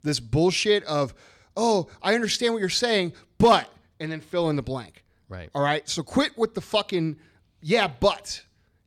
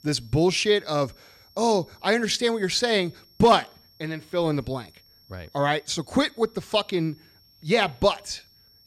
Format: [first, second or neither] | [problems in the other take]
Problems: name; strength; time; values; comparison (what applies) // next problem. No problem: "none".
first | high-pitched whine; faint; throughout; 5.5 kHz, 30 dB below the speech